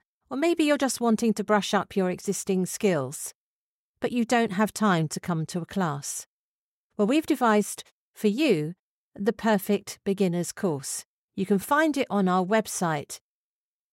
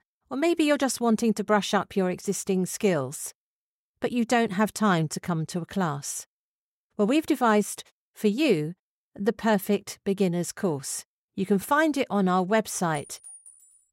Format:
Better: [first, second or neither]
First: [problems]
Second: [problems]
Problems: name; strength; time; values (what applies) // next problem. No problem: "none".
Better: first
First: none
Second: clattering dishes; faint; at 13 s; peak 20 dB below the speech